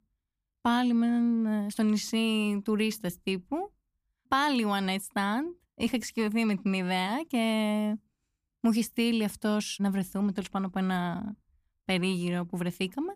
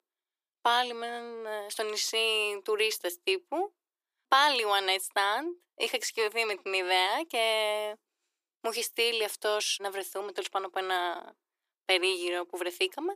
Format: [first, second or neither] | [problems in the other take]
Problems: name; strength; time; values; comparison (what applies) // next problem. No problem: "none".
first | thin; very; fading below 350 Hz